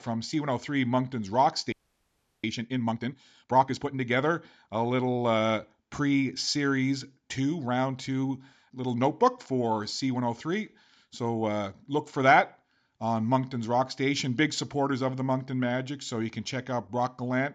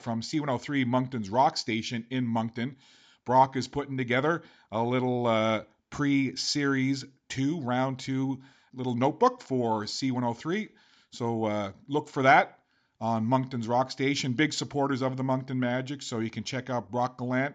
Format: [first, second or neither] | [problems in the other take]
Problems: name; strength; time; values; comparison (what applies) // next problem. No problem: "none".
second | audio freezing; at 1.5 s for 0.5 s